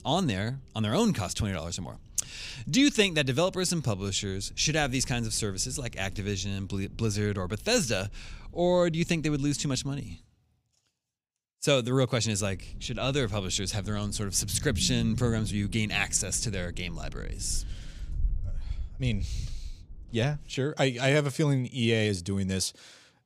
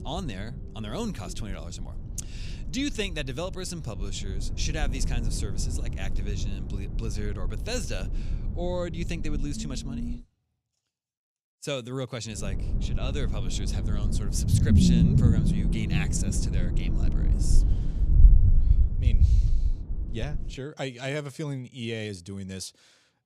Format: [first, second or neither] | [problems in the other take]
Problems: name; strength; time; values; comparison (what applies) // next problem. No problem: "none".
first | low rumble; loud; until 10 s and from 12 to 21 s; 3 dB below the speech; faint in the first